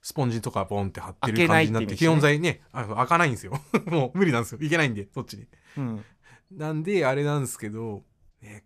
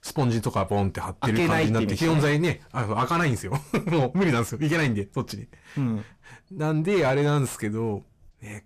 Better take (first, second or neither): first